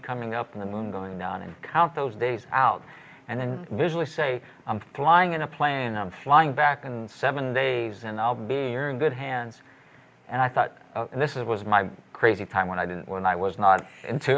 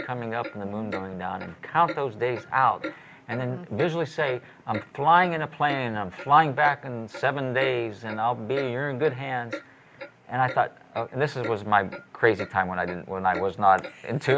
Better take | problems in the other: first | background sound (Clock); 15 dB below the speech

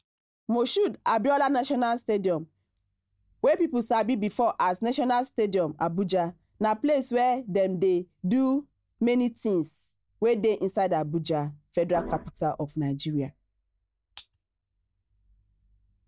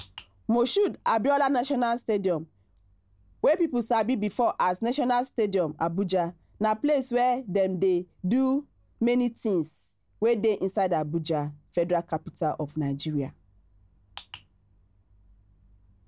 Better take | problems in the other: second | noise reduction (neural mask model DeepFilterNet 3)

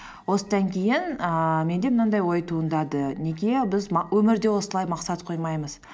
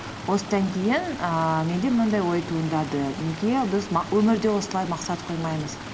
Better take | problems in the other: first | background sound (Stream); 12 dB below the speech

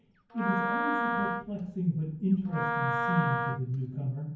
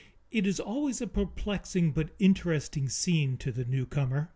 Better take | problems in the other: second | background sound (Wind instrument, woodwind instrument); 1 dB below the speech // room echo; dies away in 0.9 s

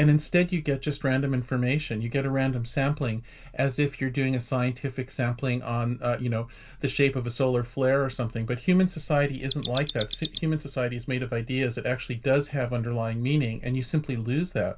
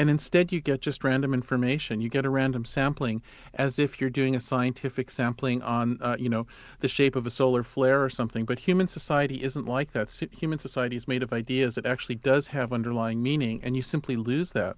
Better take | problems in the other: second | background sound (Mechanisms); 10 dB below the speech // room echo; dies away in 0.2 s

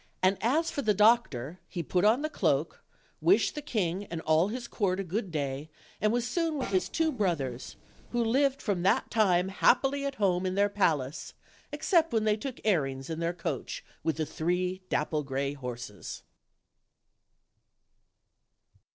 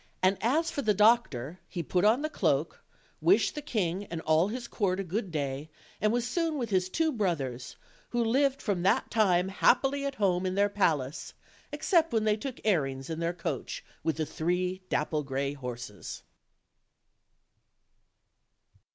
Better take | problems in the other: second | noise reduction (neural separator model SepFormer DNS4)

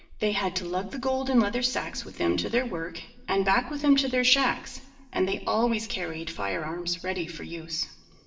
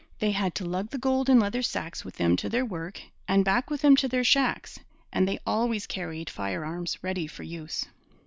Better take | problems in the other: second | room echo; dies away in 1.4 s

